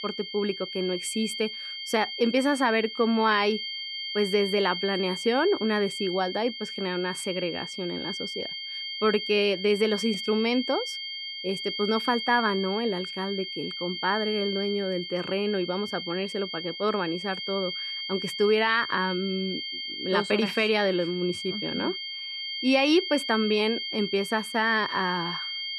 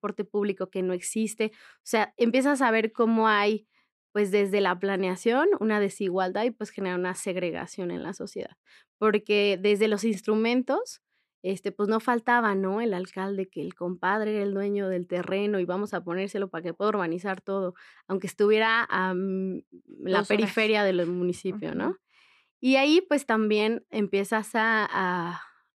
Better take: second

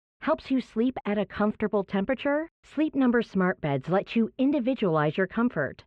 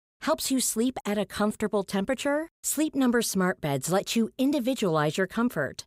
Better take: second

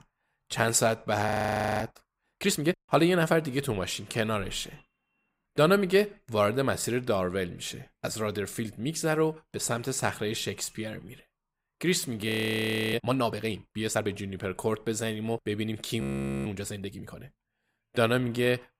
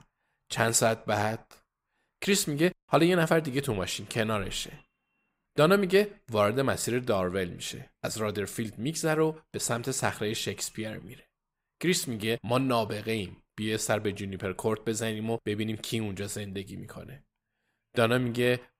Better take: second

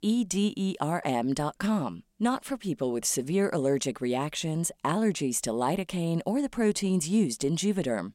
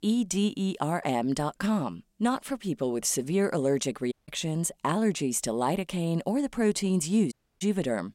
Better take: first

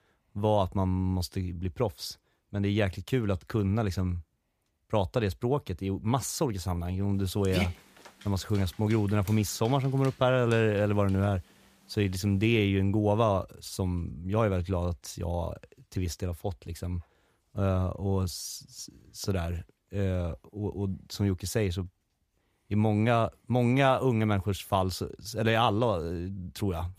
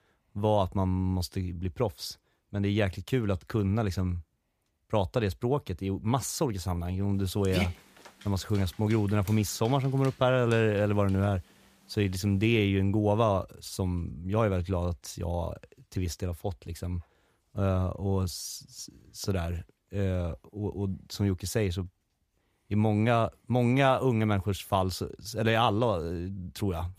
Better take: neither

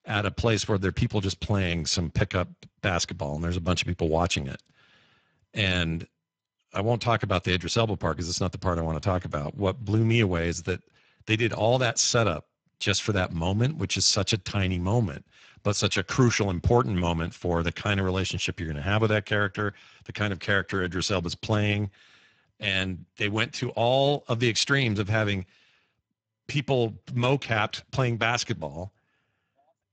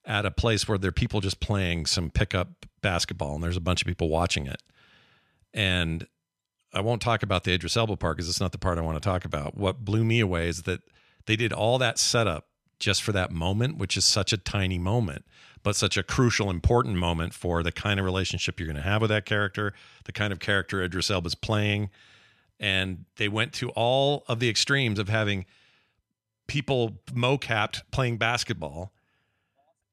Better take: second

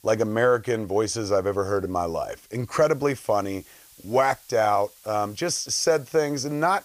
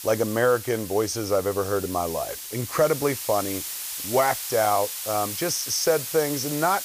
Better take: first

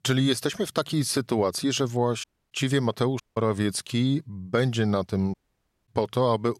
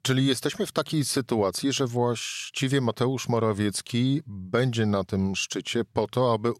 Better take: second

